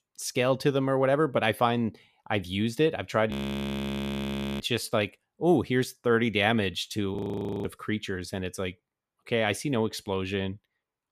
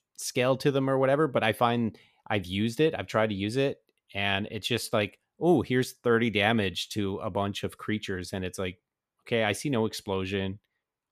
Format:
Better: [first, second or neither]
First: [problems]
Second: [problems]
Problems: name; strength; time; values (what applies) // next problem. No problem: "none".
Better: second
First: audio freezing; at 3.5 s for 1.5 s and at 7 s for 0.5 s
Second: none